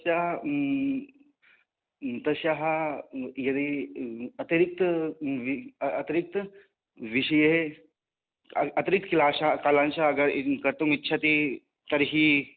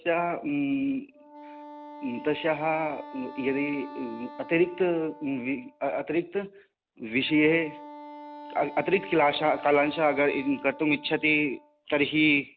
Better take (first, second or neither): first